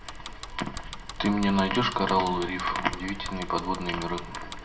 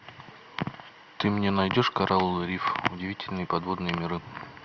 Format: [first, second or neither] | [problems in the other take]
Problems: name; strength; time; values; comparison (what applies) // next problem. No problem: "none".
second | background sound (Bicycle); 10 dB below the speech // room echo; dies away in 2 s